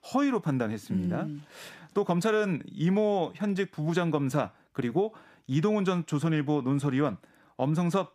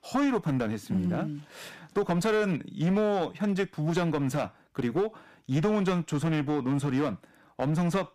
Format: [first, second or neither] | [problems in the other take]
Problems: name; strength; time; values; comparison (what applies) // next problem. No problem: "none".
first | distortion; slight; 8% of the sound clipped